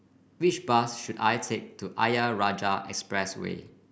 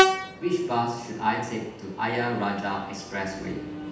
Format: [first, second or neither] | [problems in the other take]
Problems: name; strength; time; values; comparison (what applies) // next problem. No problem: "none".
first | background sound (Train); 1 dB below the speech // room echo; dies away in 0.8 s